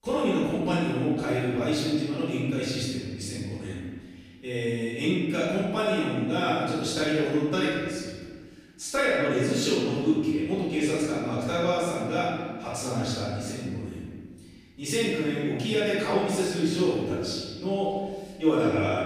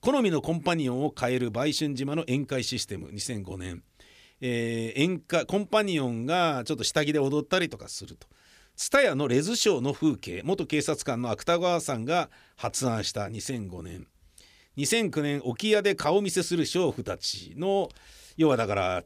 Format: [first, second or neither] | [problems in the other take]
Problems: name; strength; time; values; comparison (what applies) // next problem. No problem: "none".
second | room echo; strong; dies away in 1.5 s // off-mic speech; far